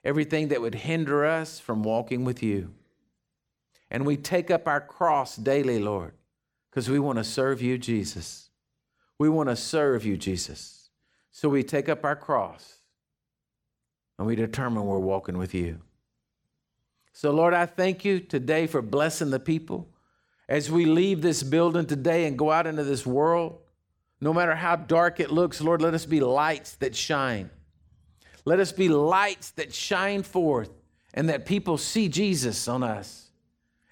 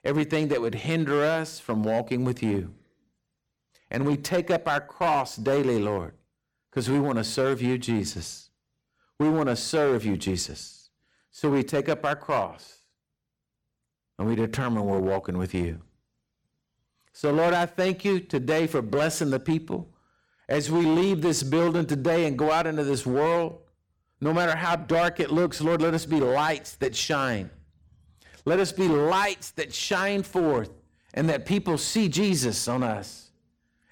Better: first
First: none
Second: distortion; slight; 8% of the sound clipped

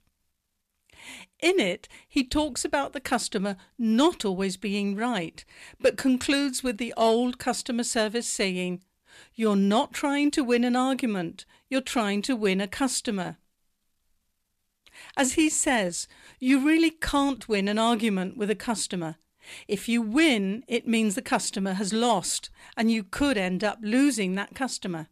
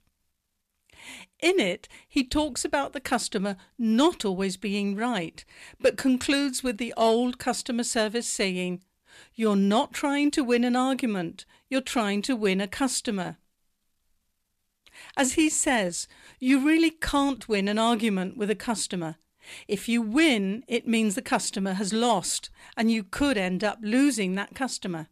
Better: neither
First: none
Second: none

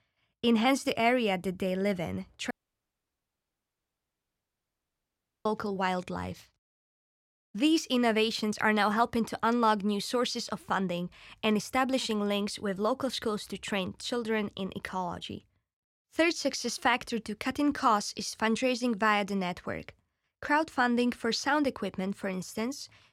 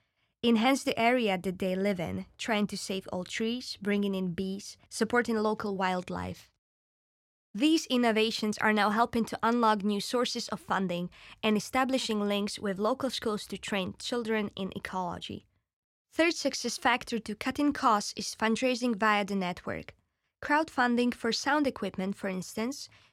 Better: second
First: audio cutting out; at 2.5 s for 3 s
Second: none

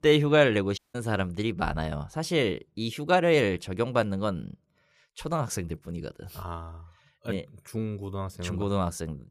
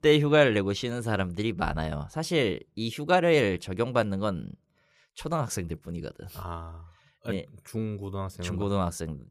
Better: second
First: audio cutting out; at 1 s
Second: none

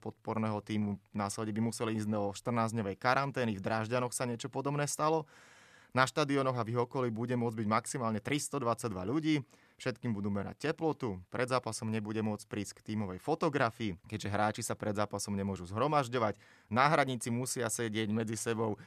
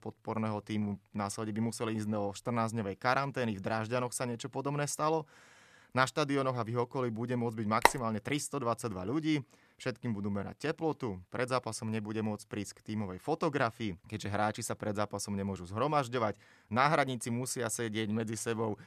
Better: first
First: none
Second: phone ringing; very faint; at 8 s; peak 6 dB above the speech

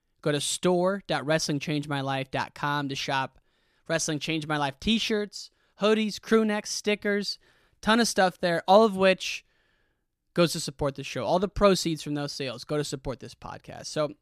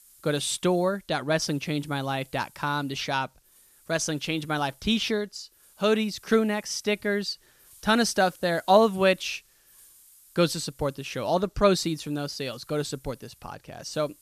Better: first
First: none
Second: hiss; faint; throughout; 25 dB below the speech

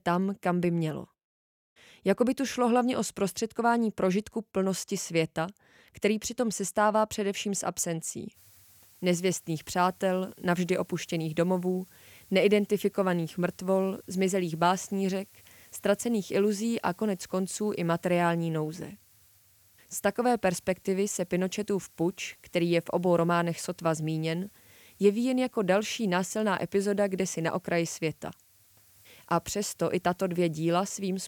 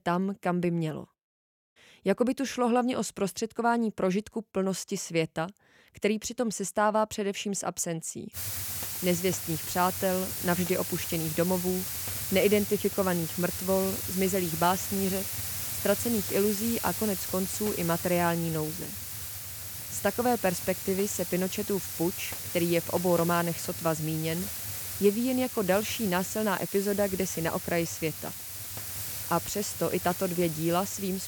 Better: first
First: hiss; faint; from 8.5 s on; 25 dB below the speech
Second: hiss; loud; from 8.5 s on; 4 dB below the speech

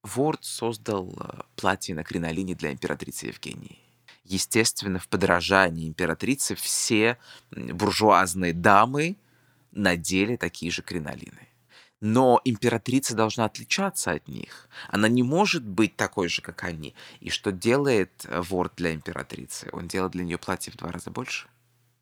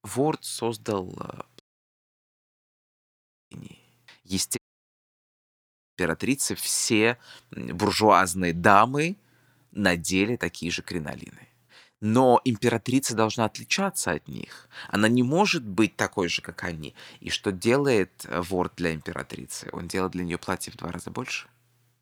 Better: first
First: none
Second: audio cutting out; at 1.5 s for 2 s and at 4.5 s for 1.5 s

